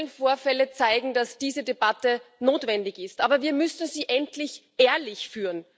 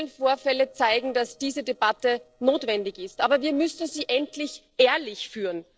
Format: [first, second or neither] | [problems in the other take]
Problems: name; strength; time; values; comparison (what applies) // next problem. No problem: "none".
first | noise reduction (neural separator model SepFormer DNS4)